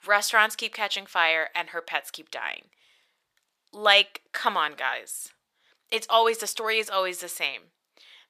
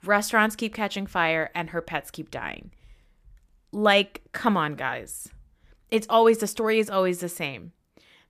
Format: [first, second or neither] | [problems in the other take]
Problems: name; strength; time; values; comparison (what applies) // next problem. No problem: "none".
second | thin; very; fading below 700 Hz